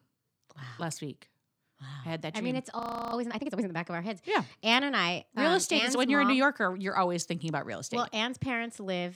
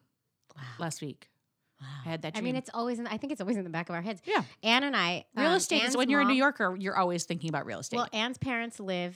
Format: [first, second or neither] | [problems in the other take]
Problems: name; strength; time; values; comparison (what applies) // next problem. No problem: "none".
second | audio freezing; at 3 s